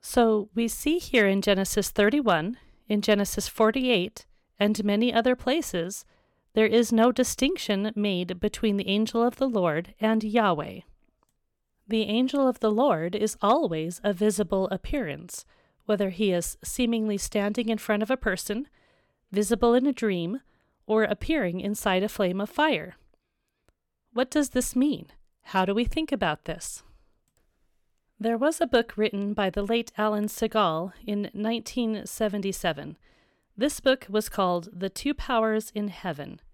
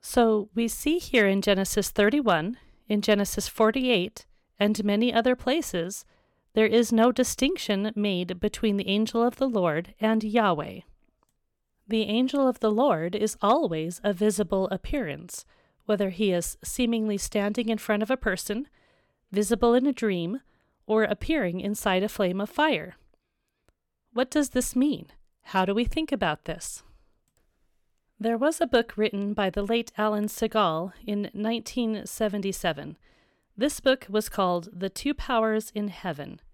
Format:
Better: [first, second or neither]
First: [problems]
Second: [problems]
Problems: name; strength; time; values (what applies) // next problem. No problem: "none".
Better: neither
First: none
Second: none